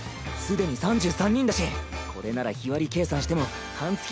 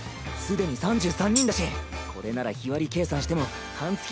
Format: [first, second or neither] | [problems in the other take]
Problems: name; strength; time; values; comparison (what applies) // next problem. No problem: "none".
first | background sound (Tambourine); 6 dB below the speech